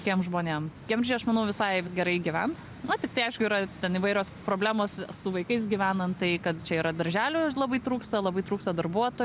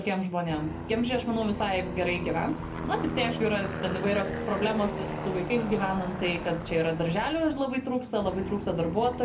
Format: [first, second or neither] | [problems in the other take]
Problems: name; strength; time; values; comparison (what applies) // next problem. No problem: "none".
first | background sound (Aircraft); 7 dB below the speech // room echo; dies away in 0.3 s